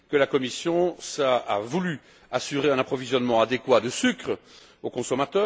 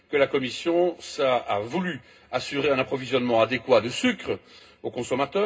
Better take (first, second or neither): first